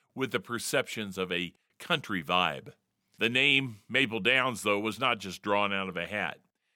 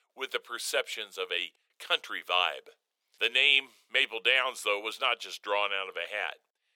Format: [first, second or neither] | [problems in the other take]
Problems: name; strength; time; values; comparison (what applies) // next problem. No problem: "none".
first | thin; very; fading below 450 Hz